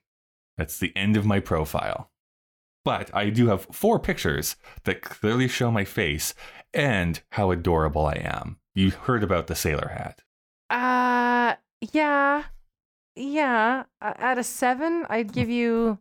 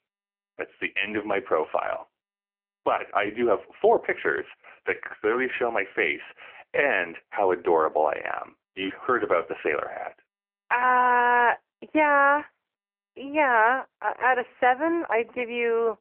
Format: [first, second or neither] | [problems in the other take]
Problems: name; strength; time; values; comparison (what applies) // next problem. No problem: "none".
first | phone-call audio; poor line